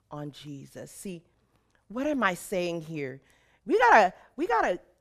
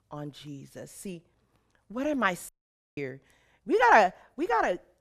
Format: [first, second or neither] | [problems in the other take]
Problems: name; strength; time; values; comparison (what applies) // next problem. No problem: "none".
first | audio cutting out; at 2.5 s